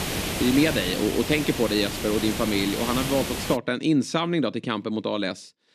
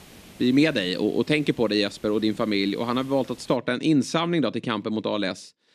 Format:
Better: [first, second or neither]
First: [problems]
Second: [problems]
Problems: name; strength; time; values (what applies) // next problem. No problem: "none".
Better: second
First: hiss; loud; until 3.5 s; 5 dB below the speech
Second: hiss; faint; until 3.5 s; 25 dB below the speech